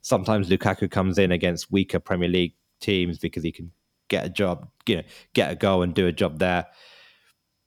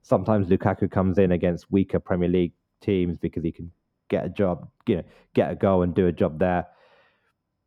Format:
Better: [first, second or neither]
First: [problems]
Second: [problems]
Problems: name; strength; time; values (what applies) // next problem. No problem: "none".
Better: first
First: none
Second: muffled; very; fading above 2 kHz